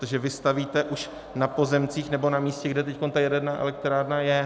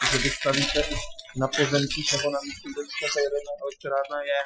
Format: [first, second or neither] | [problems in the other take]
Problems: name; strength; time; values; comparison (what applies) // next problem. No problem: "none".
first | noise reduction (classical method Wiener filter)